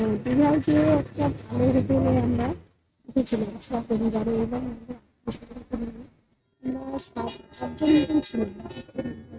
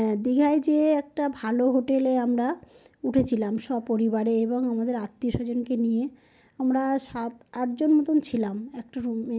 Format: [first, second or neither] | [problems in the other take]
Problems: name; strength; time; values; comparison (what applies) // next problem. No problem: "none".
second | noise reduction (neural mask model RNNoise)